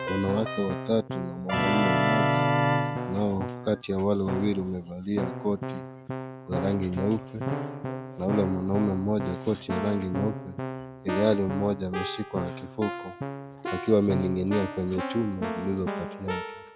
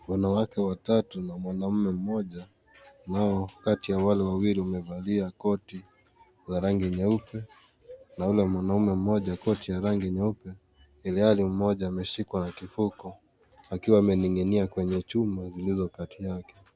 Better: second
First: background sound (Keyboard (musical)); 3 dB below the speech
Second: none

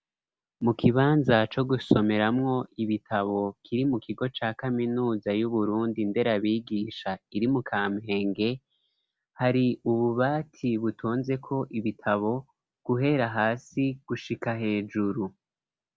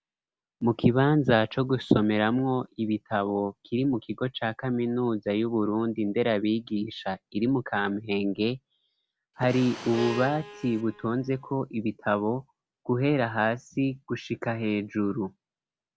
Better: first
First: none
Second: background sound (Fire + Bowed string instrument); 13 dB below the speech

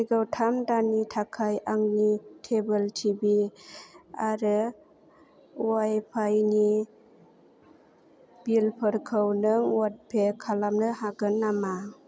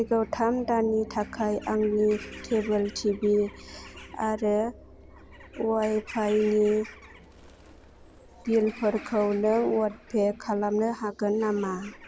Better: first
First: none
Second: background sound (Bird vocalization, bird call, bird song / Crow + Piano); 19 dB below the speech

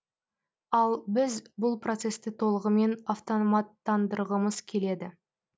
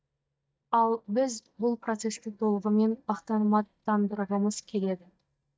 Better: first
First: none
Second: noise reduction (neural mask model DeepFilterNet 3)

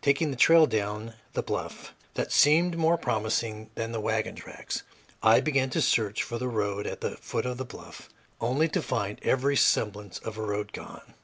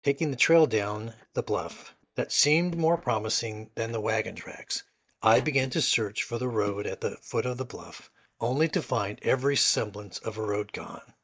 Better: first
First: none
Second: noise reduction (neural mask model DeepFilterNet 3)

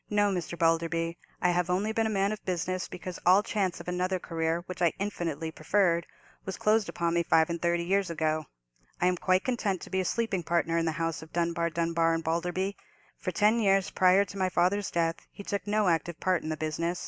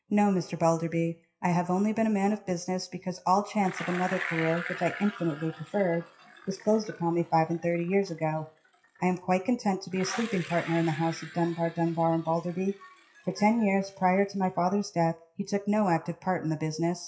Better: first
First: none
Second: noise reduction (classical method WPE with log-MMSE)

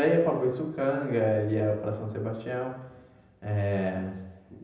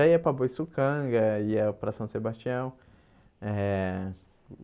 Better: second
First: room echo; dies away in 0.9 s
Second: none

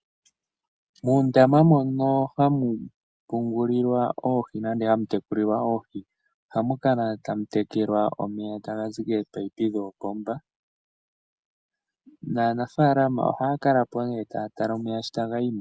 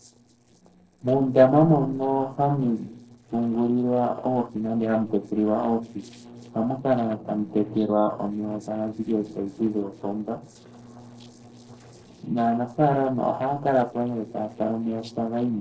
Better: first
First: none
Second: noise reduction (neural separator model SepFormer DNS4)

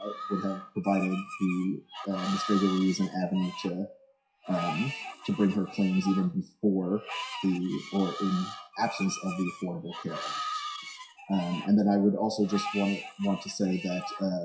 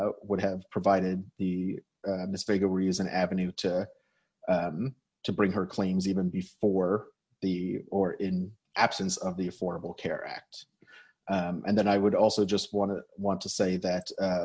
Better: second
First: noise reduction (classical method WPE with log-MMSE)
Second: none

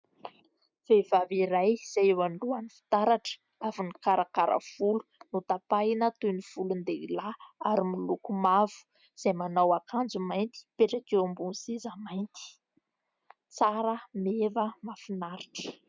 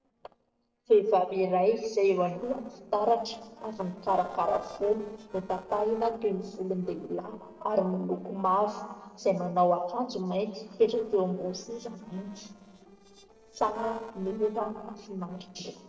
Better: first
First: none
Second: noise reduction (neural separator model SepFormer DNS4)

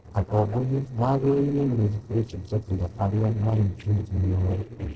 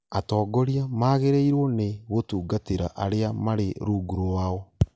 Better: second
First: noise reduction (neural separator model SepFormer DNS4)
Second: none

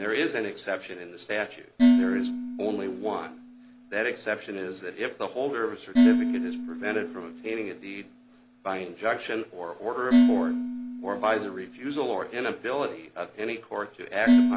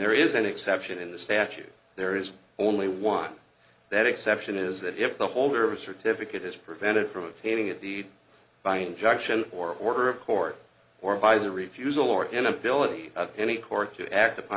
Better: second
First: background sound (Dishes, pots, and pans); 4 dB above the speech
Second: none

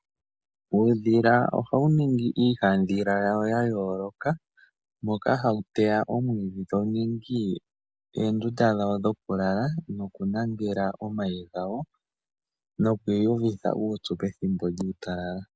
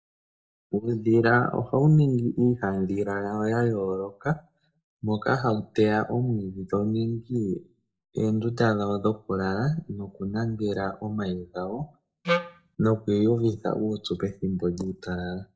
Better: first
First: none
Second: noise reduction (neural mask model DeepFilterNet 3)

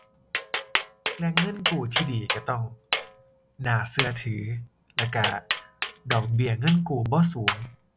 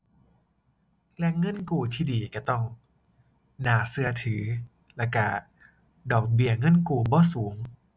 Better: second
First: background sound (Tap); 4 dB below the speech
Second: none

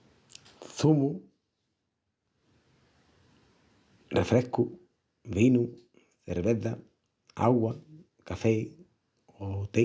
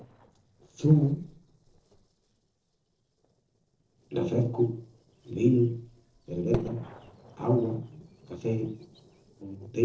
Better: first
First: none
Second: noise reduction (neural separator model SepFormer DNS4)

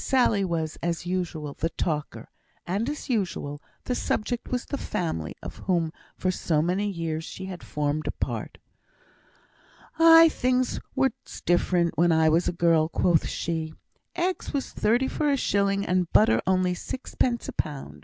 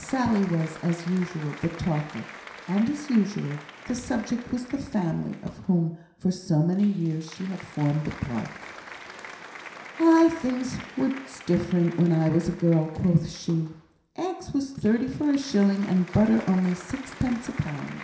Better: first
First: none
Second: background sound (Applause); 18 dB below the speech // room echo; dies away in 0.7 s

